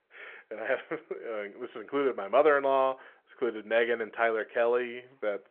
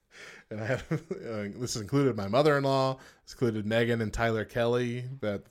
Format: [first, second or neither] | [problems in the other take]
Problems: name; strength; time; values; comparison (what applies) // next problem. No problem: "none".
second | phone-call audio